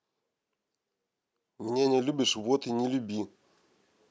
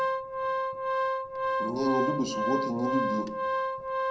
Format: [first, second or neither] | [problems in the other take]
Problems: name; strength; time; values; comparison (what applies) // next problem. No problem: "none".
first | background sound (Organ); 4 dB above the speech // room echo; dies away in 0.6 s